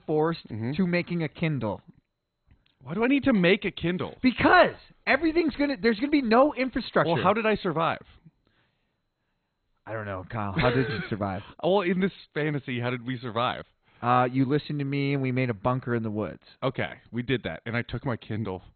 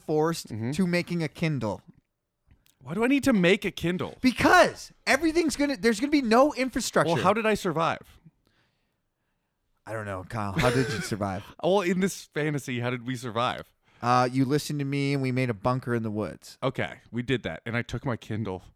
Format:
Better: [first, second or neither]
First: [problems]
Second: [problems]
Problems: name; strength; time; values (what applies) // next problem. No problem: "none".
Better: second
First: garbled, watery; badly; nothing above 4 kHz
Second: none